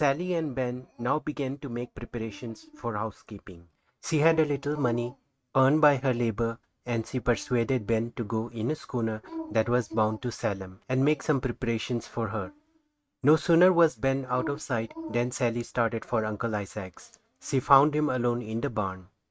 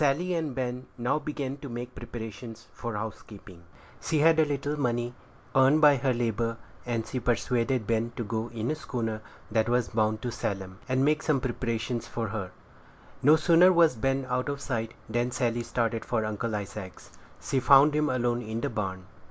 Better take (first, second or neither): second